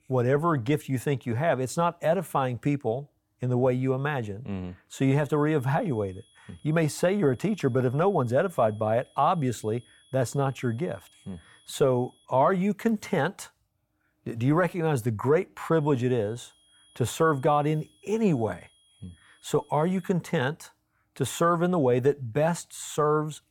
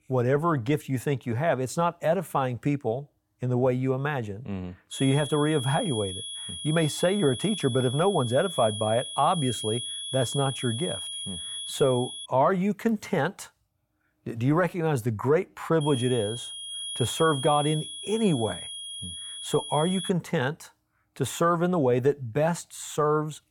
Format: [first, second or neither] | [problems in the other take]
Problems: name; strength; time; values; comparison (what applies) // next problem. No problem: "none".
first | high-pitched whine; loud; from 5 to 12 s and from 16 to 20 s; 3.5 kHz, 7 dB below the speech; faint in the first